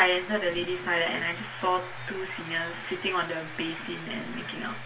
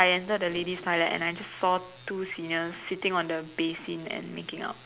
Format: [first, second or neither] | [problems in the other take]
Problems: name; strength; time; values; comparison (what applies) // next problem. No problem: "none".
second | background sound (Train); 12 dB below the speech // room echo; dies away in 0.2 s